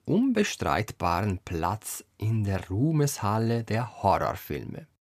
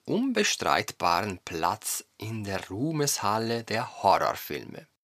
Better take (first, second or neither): first